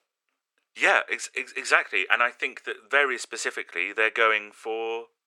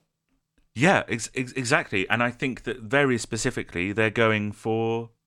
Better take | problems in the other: second | thin; very; fading below 400 Hz

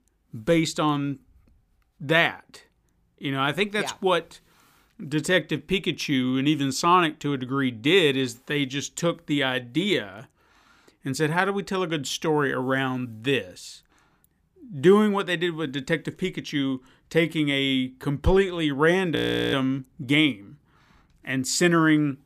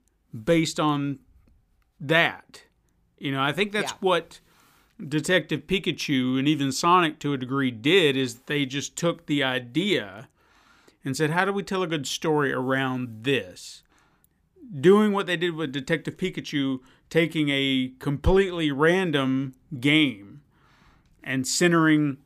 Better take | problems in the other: second | audio freezing; at 19 s

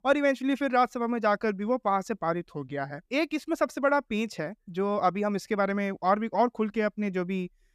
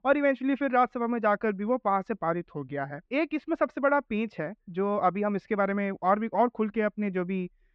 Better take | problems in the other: first | muffled; very; fading above 2.5 kHz

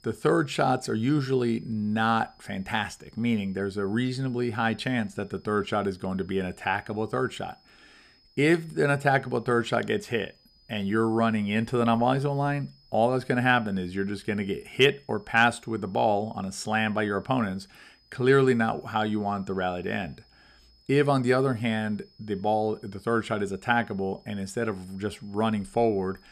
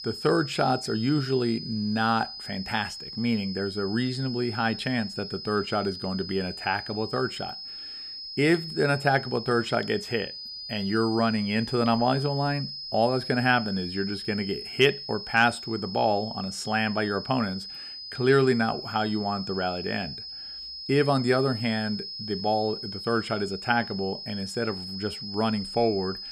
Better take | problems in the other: first | high-pitched whine; loud; throughout; 5 kHz, 9 dB below the speech; faint in the first

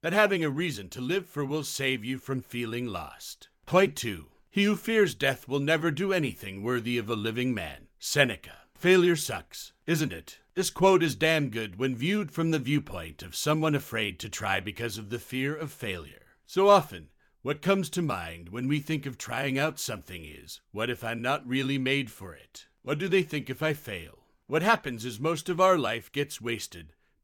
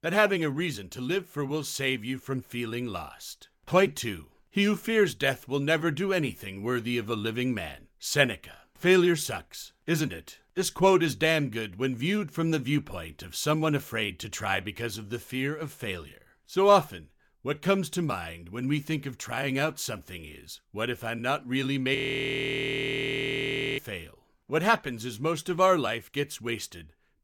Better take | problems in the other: first | audio freezing; at 22 s for 2 s

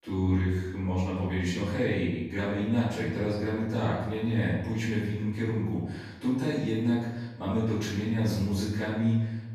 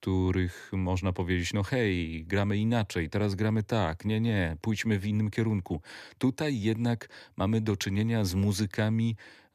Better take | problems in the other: second | off-mic speech; far // room echo; strong; dies away in 0.9 s

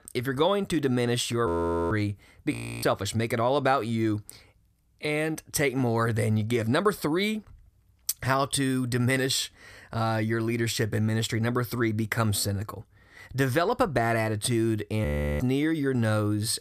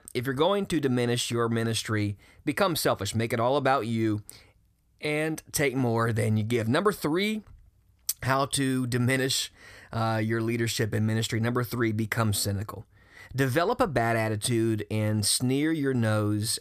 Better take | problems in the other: second | audio freezing; at 1.5 s, at 2.5 s and at 15 s

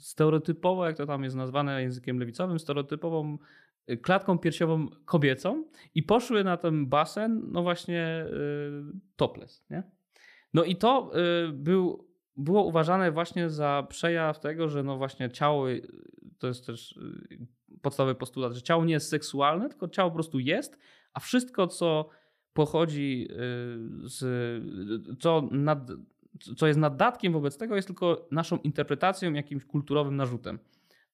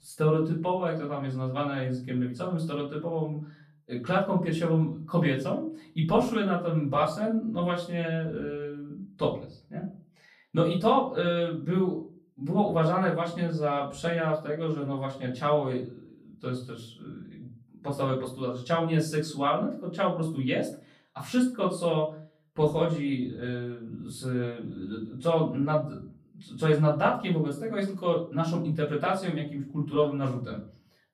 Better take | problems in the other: first | off-mic speech; far // room echo; slight; dies away in 0.4 s

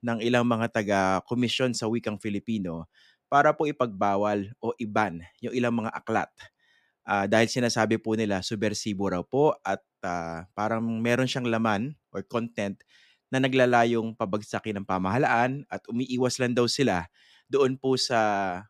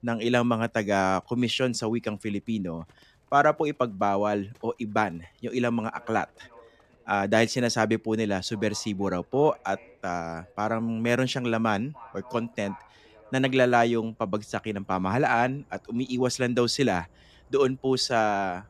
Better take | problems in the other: first | animal sounds; faint; throughout; 30 dB below the speech

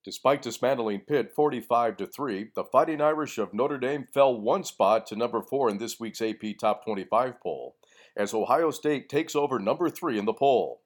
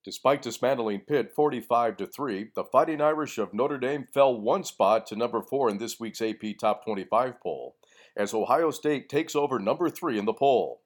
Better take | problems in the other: neither | none

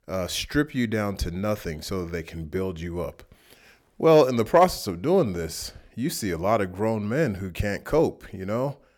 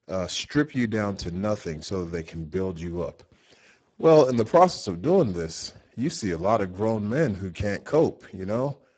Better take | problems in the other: first | garbled, watery; badly; nothing above 7.5 kHz

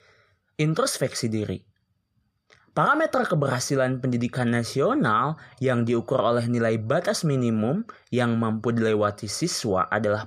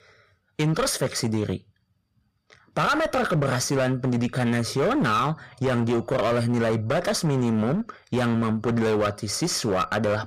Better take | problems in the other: first | distortion; slight; 19% of the sound clipped

